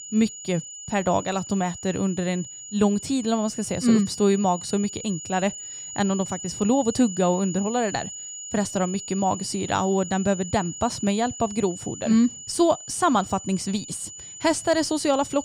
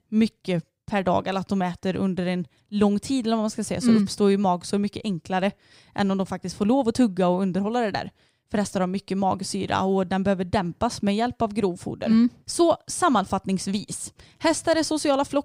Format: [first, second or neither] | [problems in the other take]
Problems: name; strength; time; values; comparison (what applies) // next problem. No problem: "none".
second | high-pitched whine; noticeable; throughout; 7 kHz, 10 dB below the speech